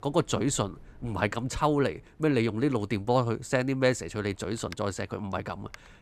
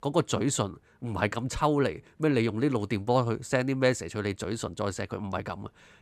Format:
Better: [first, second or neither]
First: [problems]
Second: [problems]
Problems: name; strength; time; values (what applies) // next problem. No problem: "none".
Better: second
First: wind in the background; faint; throughout; 25 dB below the speech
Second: none